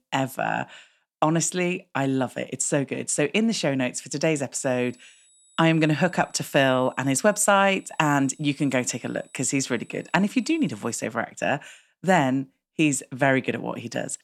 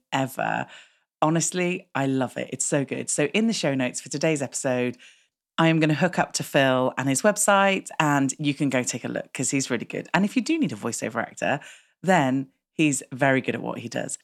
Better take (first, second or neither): second